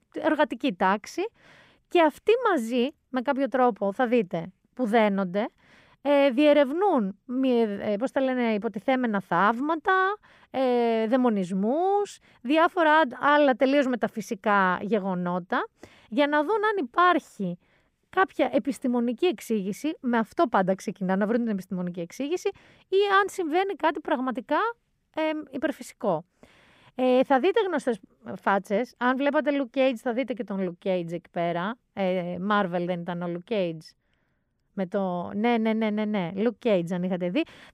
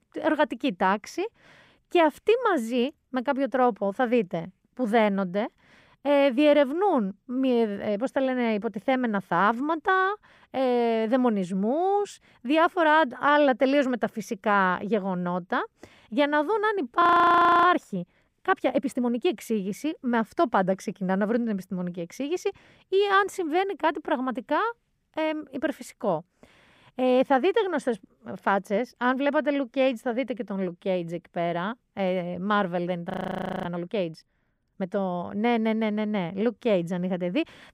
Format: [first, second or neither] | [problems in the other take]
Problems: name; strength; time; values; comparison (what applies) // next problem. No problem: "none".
first | audio freezing; at 17 s for 0.5 s and at 33 s for 0.5 s